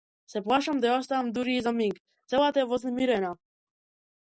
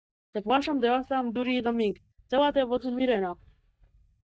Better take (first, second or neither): first